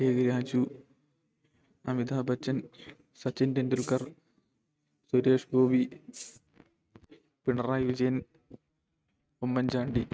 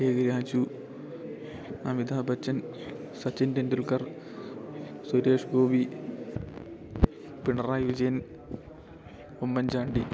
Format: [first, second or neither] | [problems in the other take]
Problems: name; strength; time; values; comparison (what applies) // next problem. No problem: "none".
second | noise reduction (neural mask model RNNoise)